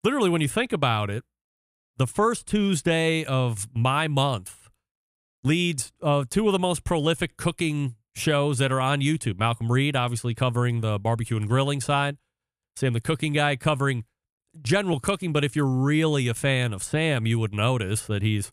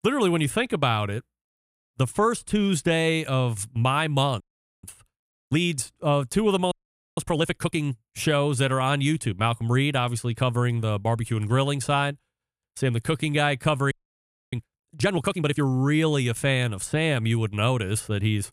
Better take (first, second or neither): first